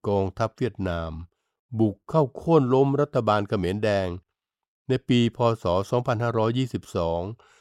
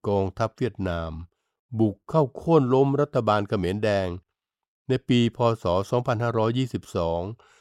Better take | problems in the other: neither | none

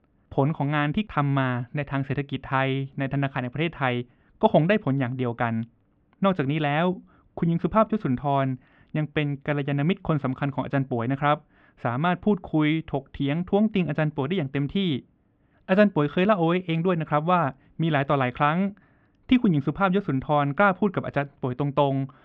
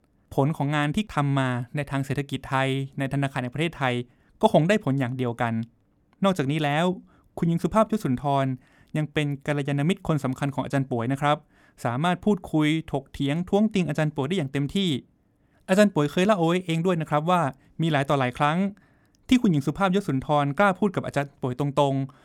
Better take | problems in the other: second | muffled; very slightly; fading above 3 kHz

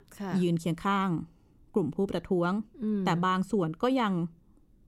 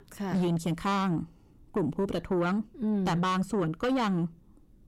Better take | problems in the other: first | distortion; slight; 10 dB below the speech

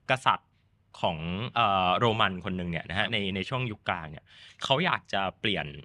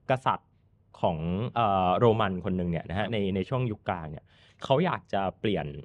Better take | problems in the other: first | muffled; slightly; fading above 1 kHz

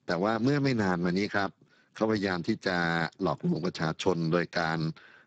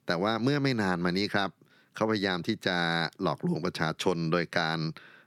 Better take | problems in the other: second | garbled, watery; badly; nothing above 7.5 kHz

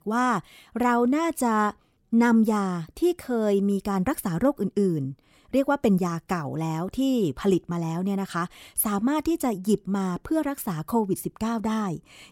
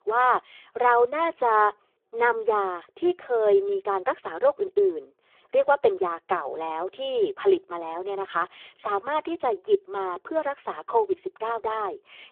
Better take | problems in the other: first | phone-call audio; poor line

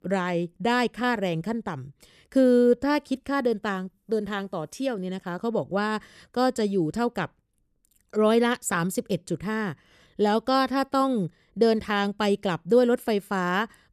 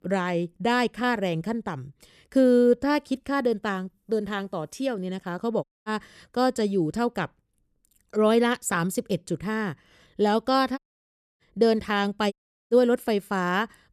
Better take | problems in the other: first | audio cutting out; at 5.5 s, at 11 s for 0.5 s and at 12 s

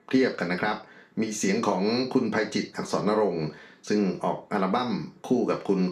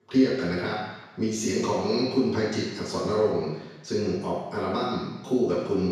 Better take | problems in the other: first | room echo; strong; dies away in 1.1 s; slight in the first // off-mic speech; far; somewhat distant in the first

